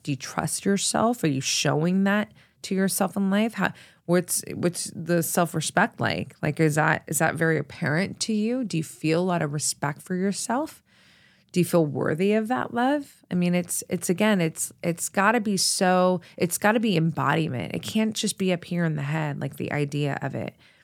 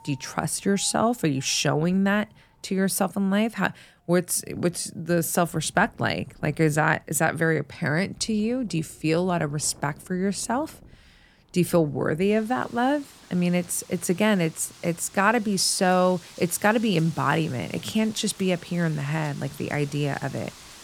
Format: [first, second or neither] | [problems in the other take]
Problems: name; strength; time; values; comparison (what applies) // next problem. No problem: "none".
first | wind in the background; faint; throughout; 25 dB below the speech